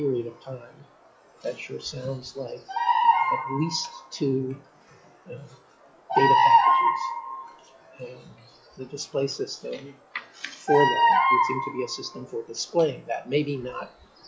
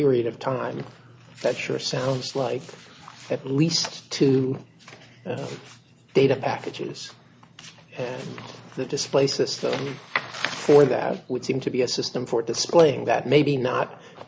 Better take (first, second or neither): second